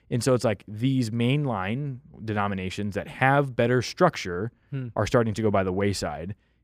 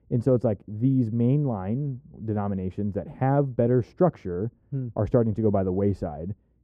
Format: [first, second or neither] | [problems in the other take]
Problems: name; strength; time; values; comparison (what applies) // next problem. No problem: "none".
first | muffled; very; fading above 1.5 kHz